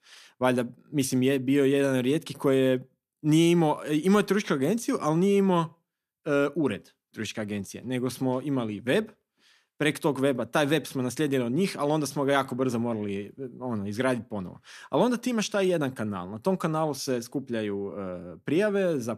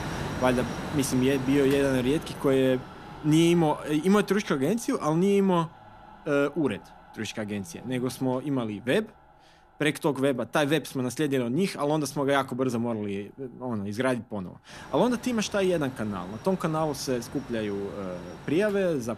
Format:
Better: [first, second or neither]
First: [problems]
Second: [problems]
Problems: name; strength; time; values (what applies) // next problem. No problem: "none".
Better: first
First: none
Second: machinery noise; noticeable; throughout; 15 dB below the speech